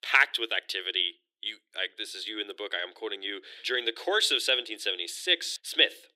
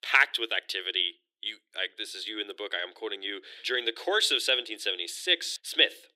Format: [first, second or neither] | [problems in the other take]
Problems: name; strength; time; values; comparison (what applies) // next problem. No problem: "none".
neither | thin; very; fading below 350 Hz; the same in both